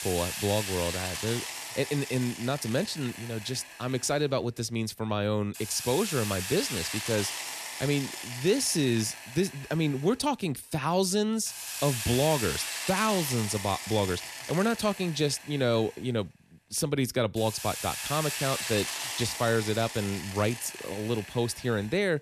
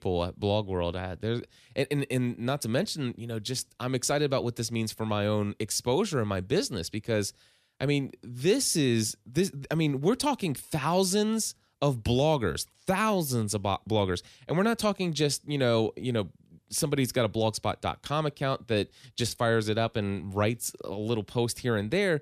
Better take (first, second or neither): second